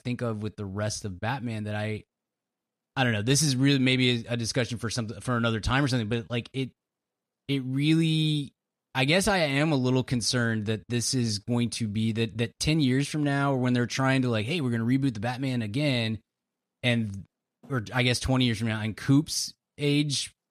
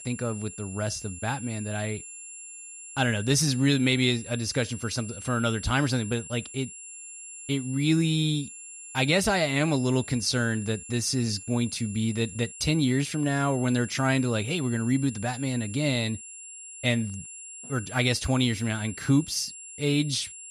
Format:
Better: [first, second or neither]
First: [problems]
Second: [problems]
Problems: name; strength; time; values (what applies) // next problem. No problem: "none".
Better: first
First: none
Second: high-pitched whine; noticeable; throughout; 7.5 kHz, 15 dB below the speech